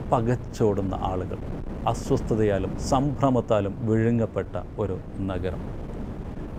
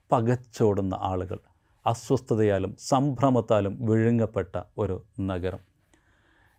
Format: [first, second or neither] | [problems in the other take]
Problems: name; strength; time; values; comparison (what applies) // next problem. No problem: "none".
second | wind noise on the microphone; occasional gusts; 15 dB below the speech